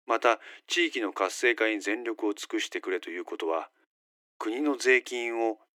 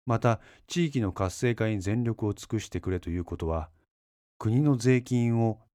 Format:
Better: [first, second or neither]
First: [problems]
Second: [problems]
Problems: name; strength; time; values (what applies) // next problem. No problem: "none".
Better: second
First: thin; very; fading below 300 Hz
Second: none